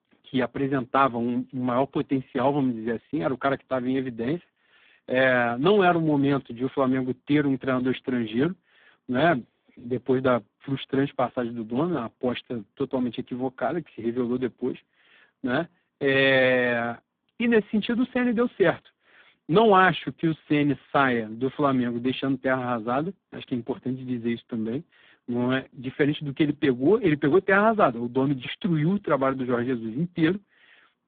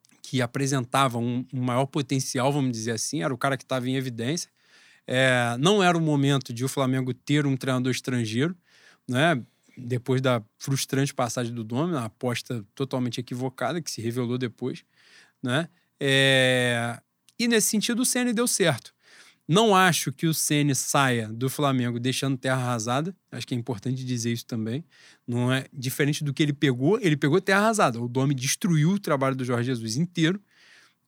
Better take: second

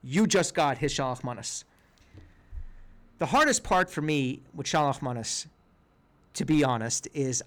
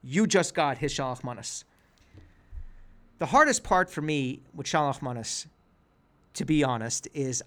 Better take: second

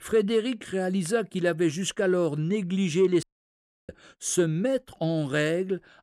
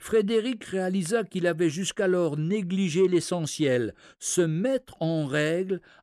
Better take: second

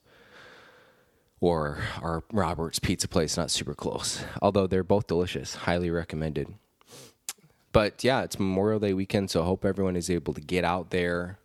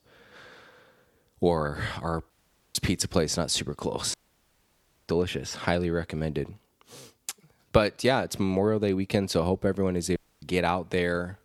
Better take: first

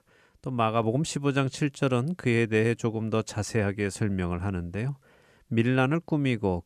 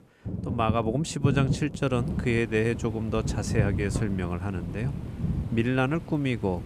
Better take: first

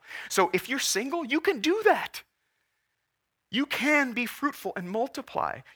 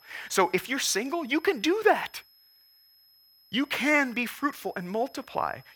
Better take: first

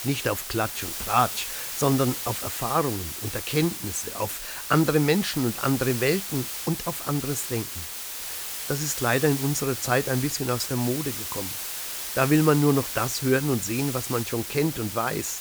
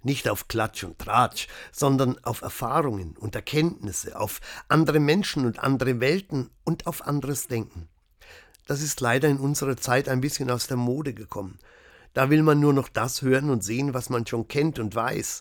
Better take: second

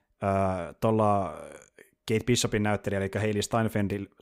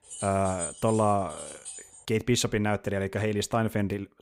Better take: first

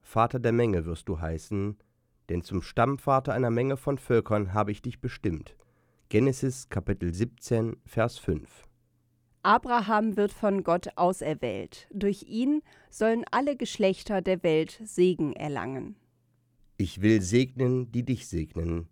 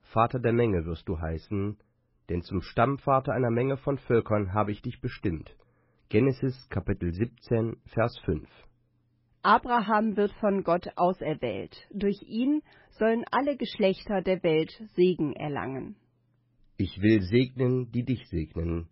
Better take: first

